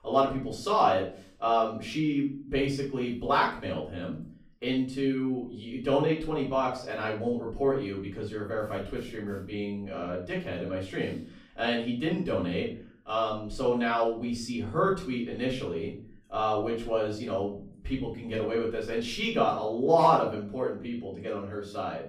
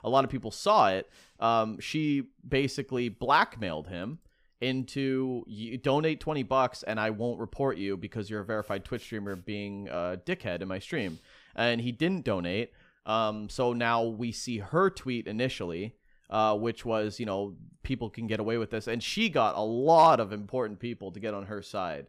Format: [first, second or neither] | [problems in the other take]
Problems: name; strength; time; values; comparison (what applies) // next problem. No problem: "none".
second | off-mic speech; far // room echo; slight; dies away in 0.4 s